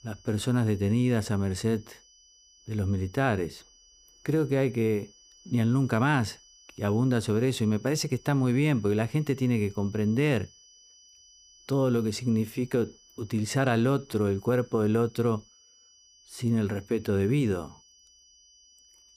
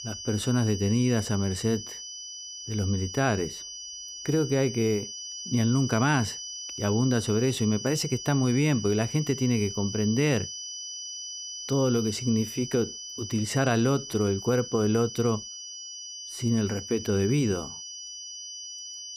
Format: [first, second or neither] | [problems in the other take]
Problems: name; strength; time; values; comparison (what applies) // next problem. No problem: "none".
first | high-pitched whine; loud; throughout; 6 kHz, 9 dB below the speech; faint in the first